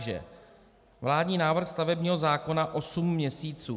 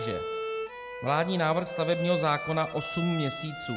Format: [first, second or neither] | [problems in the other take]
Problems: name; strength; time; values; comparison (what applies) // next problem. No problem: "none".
first | background sound (Bowed string instrument); 6 dB below the speech